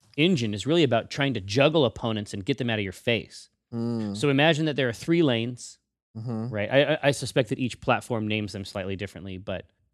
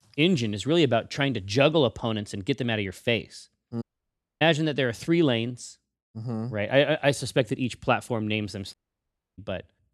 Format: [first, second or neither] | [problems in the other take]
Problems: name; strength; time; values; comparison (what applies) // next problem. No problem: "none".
first | audio cutting out; at 4 s for 0.5 s and at 8.5 s for 0.5 s